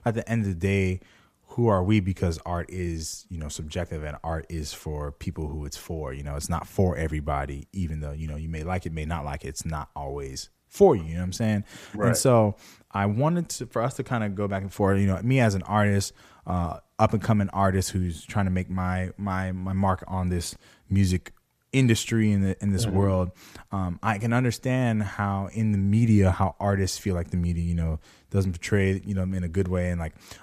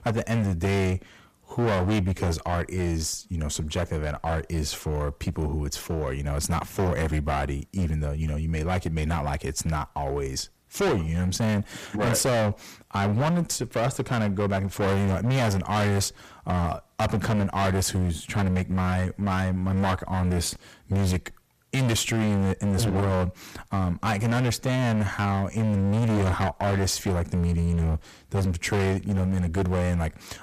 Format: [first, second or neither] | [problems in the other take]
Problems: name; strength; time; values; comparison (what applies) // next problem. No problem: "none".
first | distortion; heavy; 24% of the sound clipped